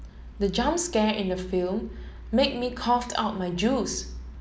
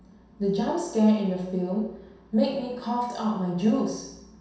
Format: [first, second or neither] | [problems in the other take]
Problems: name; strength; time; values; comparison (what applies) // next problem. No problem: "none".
first | room echo; dies away in 0.7 s